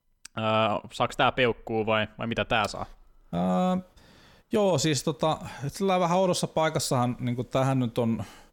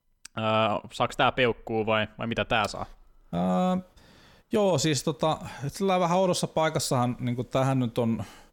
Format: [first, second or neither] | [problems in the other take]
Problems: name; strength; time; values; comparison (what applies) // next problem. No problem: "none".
neither | none